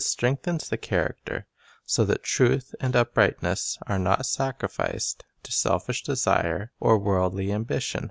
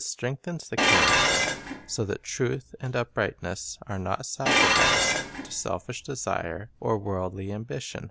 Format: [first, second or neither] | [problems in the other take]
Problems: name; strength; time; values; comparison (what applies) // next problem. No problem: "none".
first | background sound (Dishes, pots, and pans); 4 dB above the speech